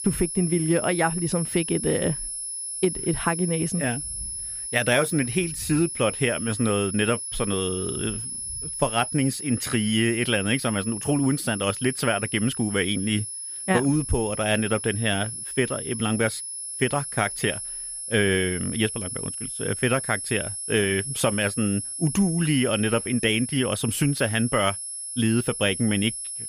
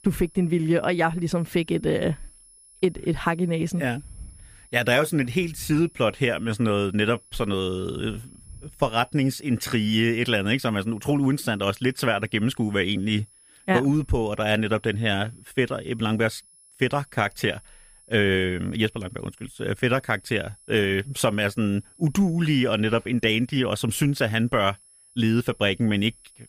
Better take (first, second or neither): second